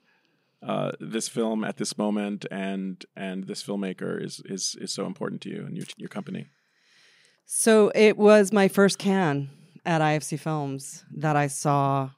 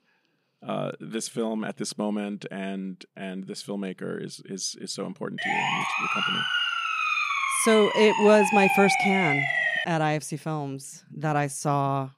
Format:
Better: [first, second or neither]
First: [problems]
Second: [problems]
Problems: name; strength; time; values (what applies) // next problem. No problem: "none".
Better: first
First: none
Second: siren; loud; from 5.5 to 10 s; peak 5 dB above the speech